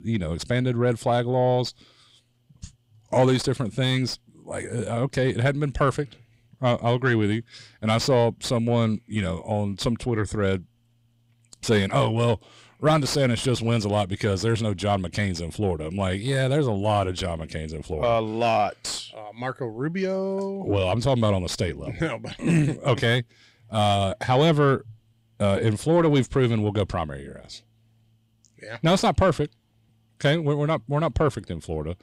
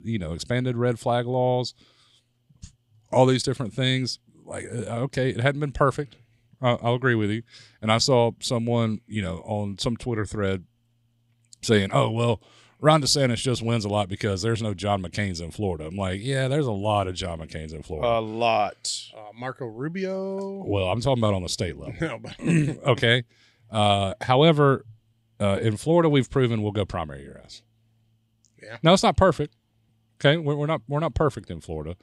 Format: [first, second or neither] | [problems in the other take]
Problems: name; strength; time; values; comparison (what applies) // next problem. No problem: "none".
second | distortion; slight; 10 dB below the speech